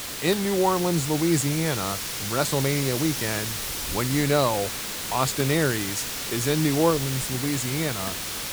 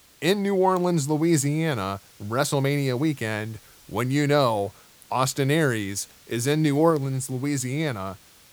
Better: second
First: hiss; loud; throughout; 3 dB below the speech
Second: hiss; faint; throughout; 25 dB below the speech

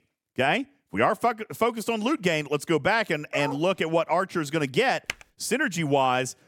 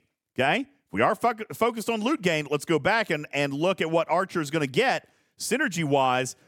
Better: second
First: dog barking; noticeable; at 3.5 s; peak 8 dB below the speech // keyboard typing; very faint; at 5 s; peak 10 dB below the speech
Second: none

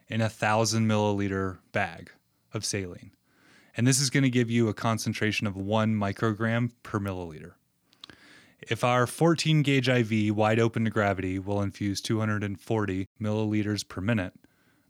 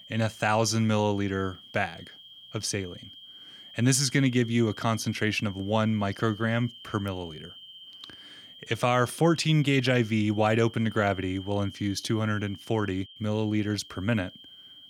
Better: first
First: none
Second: high-pitched whine; noticeable; throughout; 3 kHz, 20 dB below the speech

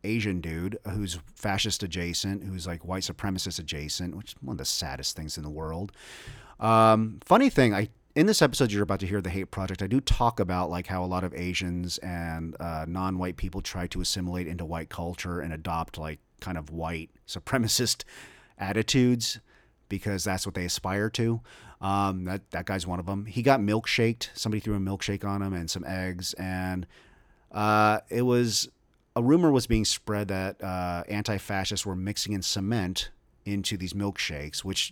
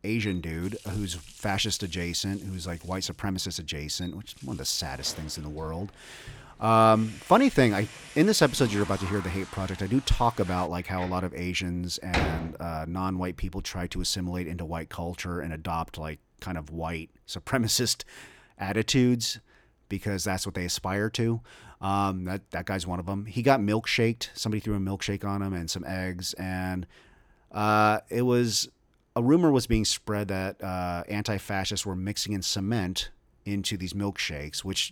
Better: first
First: none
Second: household noises; noticeable; until 12 s; 10 dB below the speech

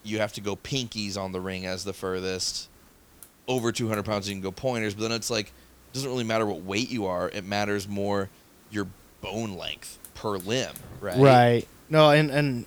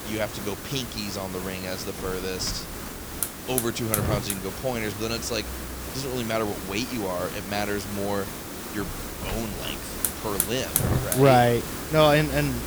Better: first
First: hiss; faint; throughout; 25 dB below the speech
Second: hiss; loud; throughout; 4 dB below the speech

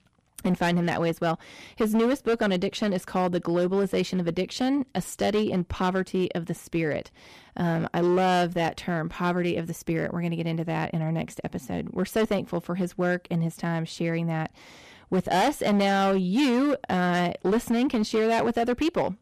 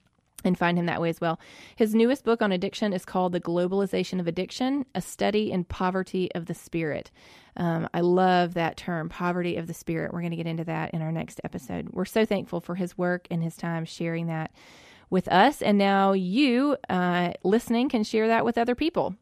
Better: second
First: distortion; slight; 9% of the sound clipped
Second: none

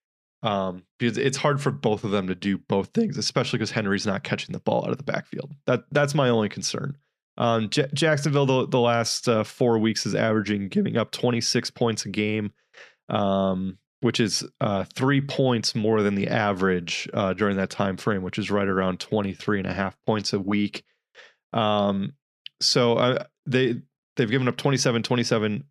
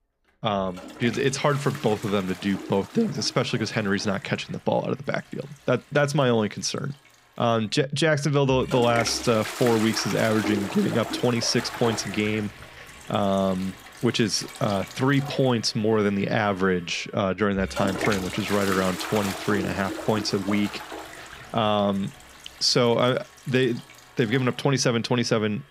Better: first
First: none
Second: household noises; noticeable; throughout; 10 dB below the speech

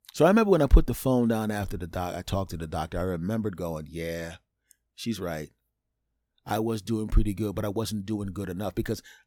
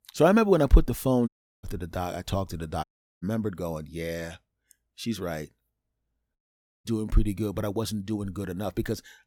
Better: first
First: none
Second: audio cutting out; at 1.5 s, at 3 s and at 6.5 s

